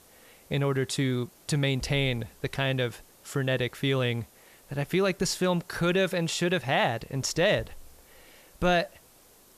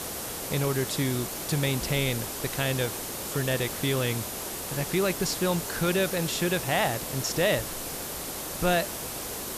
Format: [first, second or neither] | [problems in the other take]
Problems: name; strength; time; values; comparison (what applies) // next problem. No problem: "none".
first | hiss; loud; throughout; 4 dB below the speech; faint in the first